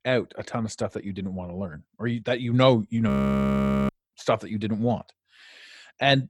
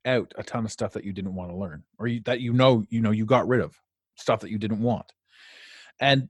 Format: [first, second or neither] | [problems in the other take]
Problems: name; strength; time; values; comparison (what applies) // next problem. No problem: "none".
second | audio freezing; at 3 s for 1 s